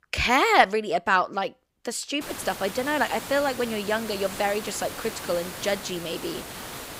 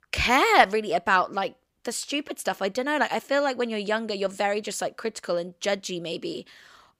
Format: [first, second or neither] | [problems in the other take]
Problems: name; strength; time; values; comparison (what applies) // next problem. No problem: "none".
second | hiss; noticeable; from 2 s on; 10 dB below the speech